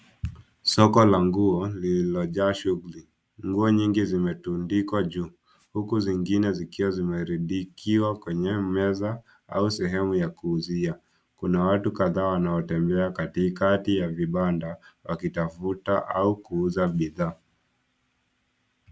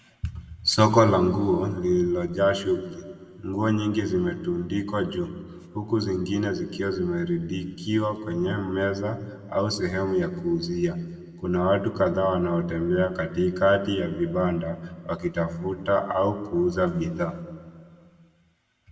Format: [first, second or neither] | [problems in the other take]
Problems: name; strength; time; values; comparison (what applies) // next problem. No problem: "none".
first | room echo; dies away in 1.6 s